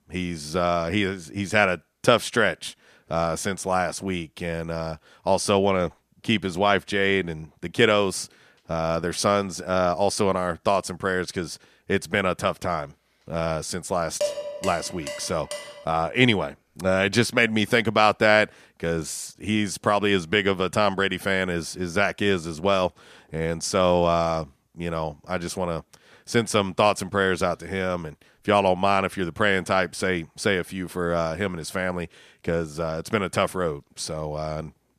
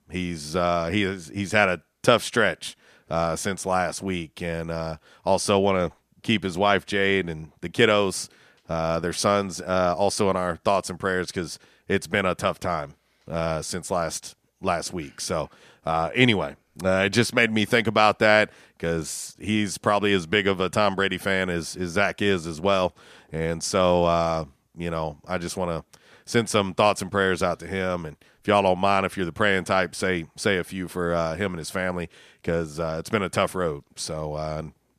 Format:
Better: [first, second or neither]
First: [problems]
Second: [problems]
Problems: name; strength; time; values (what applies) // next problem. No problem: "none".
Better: second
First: clattering dishes; noticeable; from 14 to 16 s; peak 4 dB below the speech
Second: none